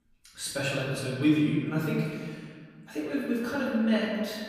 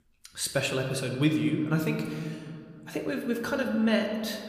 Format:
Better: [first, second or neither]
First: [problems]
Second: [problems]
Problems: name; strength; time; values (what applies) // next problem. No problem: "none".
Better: second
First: room echo; strong; dies away in 1.7 s // off-mic speech; far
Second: room echo; slight; dies away in 2 s